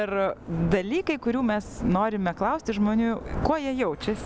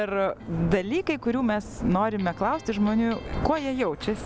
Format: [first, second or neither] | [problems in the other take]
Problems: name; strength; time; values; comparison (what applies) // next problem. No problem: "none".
first | background sound (Electric guitar); 20 dB below the speech